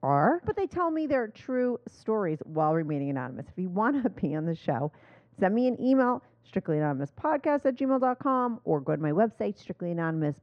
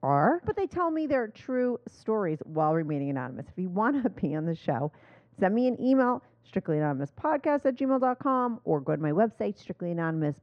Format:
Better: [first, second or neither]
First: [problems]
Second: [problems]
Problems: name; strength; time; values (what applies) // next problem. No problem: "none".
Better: neither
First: muffled; very; fading above 3.5 kHz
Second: muffled; very; fading above 3.5 kHz